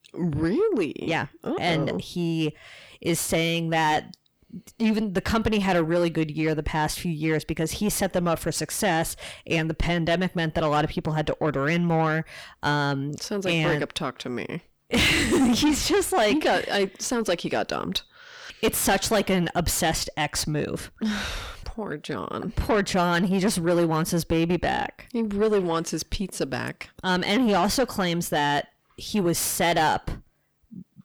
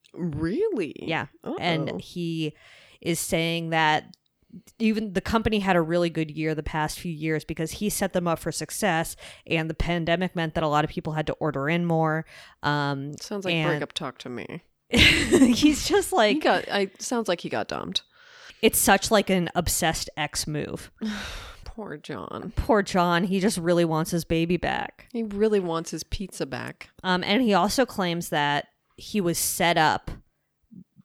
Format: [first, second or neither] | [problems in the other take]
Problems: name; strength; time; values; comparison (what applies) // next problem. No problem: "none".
second | distortion; heavy; 7 dB below the speech